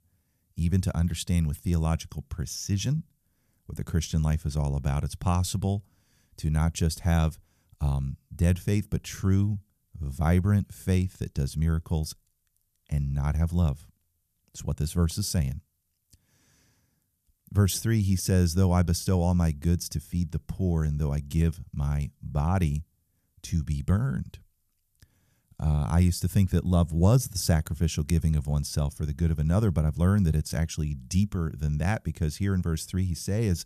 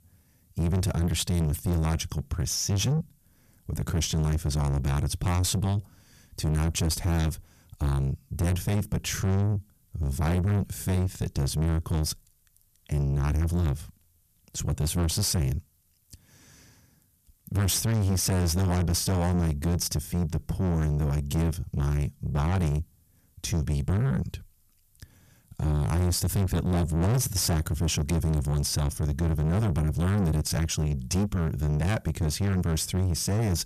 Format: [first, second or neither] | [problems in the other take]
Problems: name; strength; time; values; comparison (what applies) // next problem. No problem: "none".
first | distortion; heavy; 6 dB below the speech